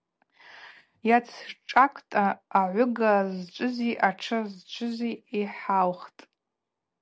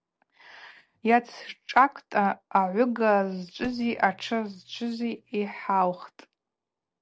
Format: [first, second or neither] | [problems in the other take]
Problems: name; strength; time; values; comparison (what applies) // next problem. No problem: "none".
first | noise reduction (neural separator model SepFormer DNS4)